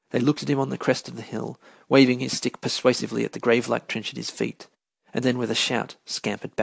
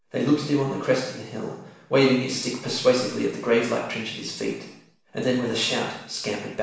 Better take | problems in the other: first | room echo; dies away in 0.7 s

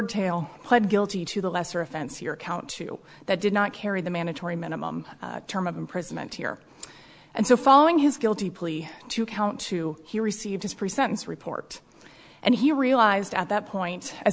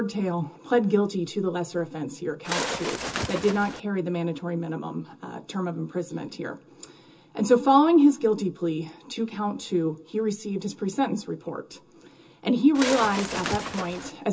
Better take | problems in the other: first | background sound (Bird); 5 dB below the speech // room echo; dies away in 0.2 s

